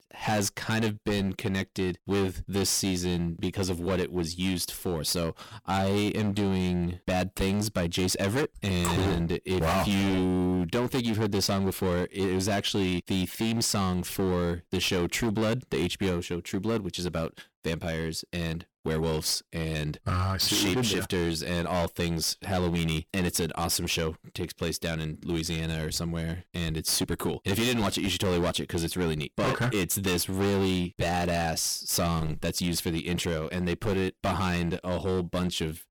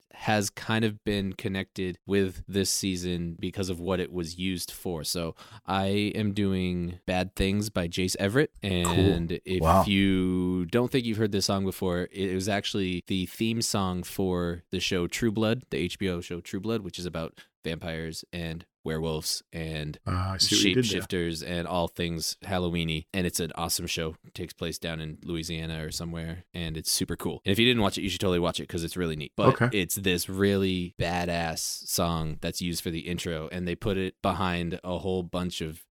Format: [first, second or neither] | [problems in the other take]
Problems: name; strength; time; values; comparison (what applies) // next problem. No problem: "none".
second | distortion; heavy; 17% of the sound clipped